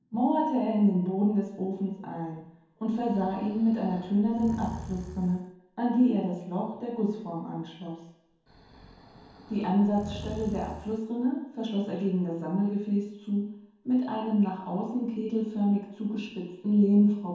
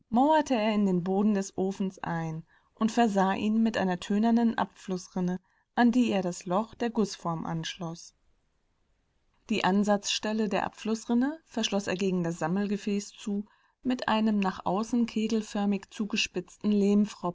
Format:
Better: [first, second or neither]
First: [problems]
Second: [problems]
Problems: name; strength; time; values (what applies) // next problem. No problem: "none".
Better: second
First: background sound (Breathing); 15 dB below the speech // room echo; dies away in 2.2 s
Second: none